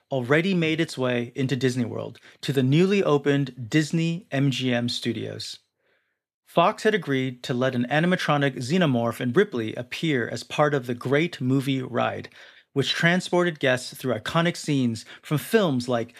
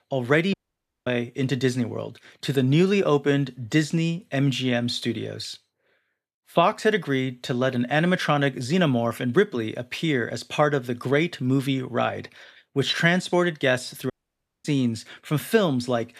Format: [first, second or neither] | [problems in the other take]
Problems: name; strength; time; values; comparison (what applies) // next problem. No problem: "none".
first | audio cutting out; at 0.5 s for 0.5 s and at 14 s for 0.5 s